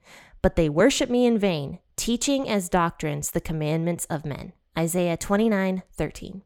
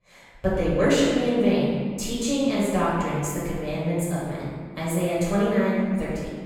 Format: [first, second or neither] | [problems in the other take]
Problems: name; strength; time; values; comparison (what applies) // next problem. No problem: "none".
first | room echo; strong; dies away in 1.6 s // off-mic speech; far